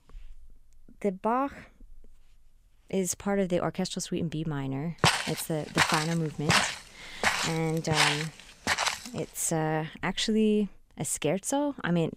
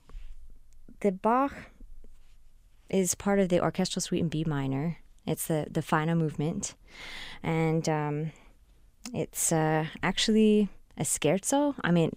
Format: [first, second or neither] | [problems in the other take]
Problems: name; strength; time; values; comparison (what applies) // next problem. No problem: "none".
second | footsteps; loud; from 5 to 9 s; peak 6 dB above the speech